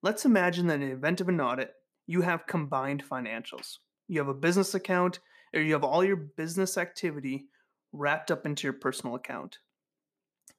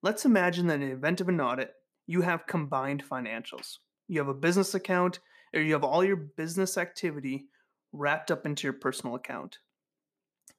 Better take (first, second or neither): neither